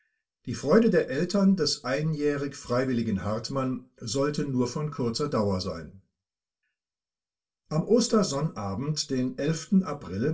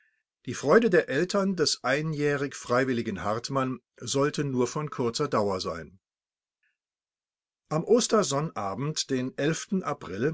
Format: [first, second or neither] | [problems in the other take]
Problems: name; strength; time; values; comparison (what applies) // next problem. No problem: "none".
second | room echo; dies away in 0.2 s